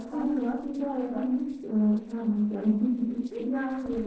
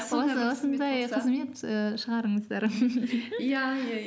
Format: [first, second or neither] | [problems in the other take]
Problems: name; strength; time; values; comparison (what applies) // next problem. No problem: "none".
second | noise reduction (neural separator model SepFormer DNS4)